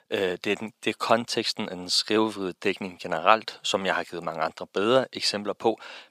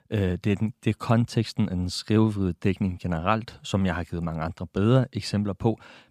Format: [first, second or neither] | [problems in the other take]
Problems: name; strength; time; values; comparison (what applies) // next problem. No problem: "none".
second | thin; very; fading below 500 Hz